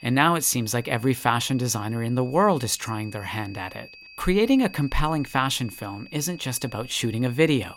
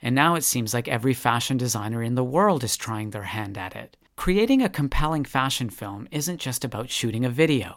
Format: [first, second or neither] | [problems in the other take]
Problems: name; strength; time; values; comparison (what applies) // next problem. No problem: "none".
second | high-pitched whine; faint; throughout; 2.5 kHz, 20 dB below the speech